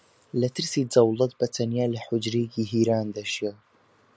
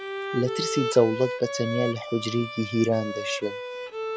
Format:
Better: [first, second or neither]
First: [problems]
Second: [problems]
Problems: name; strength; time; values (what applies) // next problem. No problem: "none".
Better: first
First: none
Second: background sound (Bowed string instrument); 6 dB below the speech